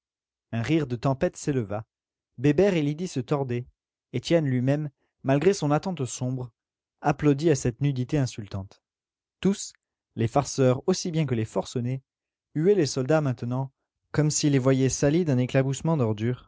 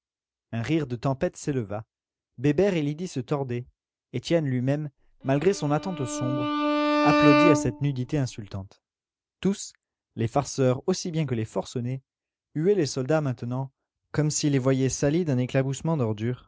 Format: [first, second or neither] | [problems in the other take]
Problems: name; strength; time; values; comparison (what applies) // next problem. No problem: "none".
first | background sound (Bowed string instrument); 1 dB above the speech